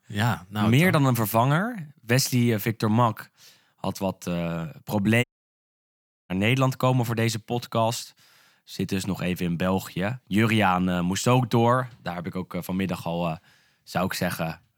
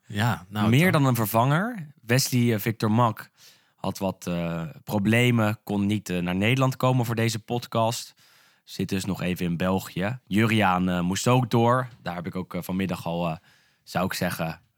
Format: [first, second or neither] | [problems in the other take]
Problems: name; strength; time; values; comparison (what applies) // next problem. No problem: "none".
second | audio cutting out; at 5 s for 1 s